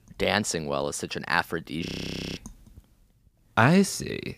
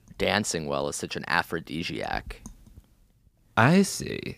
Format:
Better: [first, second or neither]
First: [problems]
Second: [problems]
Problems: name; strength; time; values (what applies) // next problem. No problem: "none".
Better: second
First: audio freezing; at 2 s for 0.5 s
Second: none